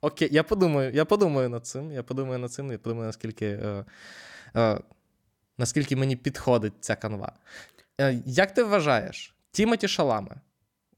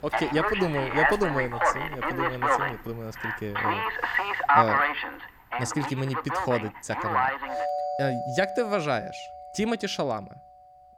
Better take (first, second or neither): first